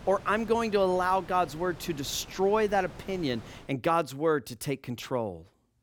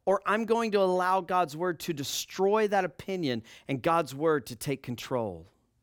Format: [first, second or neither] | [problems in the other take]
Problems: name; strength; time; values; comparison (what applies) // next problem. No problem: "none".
second | wind noise on the microphone; occasional gusts; until 3.5 s; 20 dB below the speech